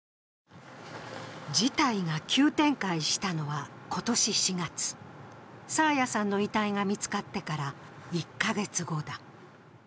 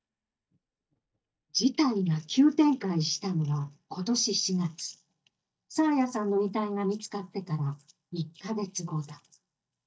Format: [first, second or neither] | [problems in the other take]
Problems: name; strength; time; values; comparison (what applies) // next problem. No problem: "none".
first | noise reduction (neural mask model DeepFilterNet 3)